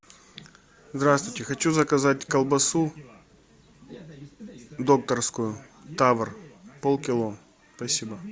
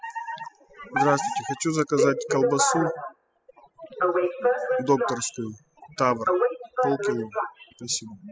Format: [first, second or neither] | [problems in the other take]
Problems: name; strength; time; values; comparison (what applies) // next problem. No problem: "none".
first | noise reduction (classical method spectral subtraction)